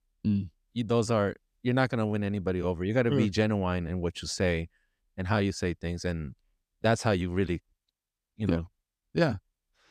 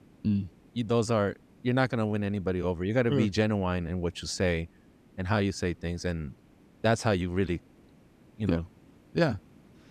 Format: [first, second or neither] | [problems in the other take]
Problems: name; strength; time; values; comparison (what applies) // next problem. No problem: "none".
first | hiss; faint; throughout; 30 dB below the speech